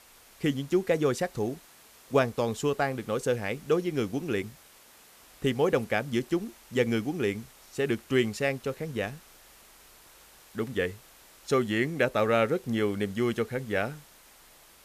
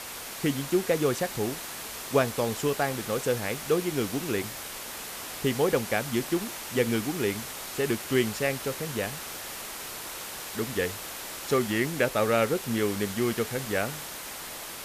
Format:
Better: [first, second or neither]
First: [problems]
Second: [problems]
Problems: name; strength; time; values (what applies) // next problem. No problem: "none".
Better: first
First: hiss; faint; throughout; 25 dB below the speech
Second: hiss; loud; throughout; 7 dB below the speech